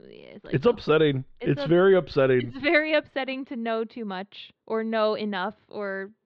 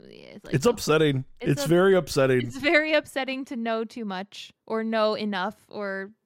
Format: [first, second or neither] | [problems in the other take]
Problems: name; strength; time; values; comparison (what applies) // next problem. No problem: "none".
second | muffled; slightly; fading above 4 kHz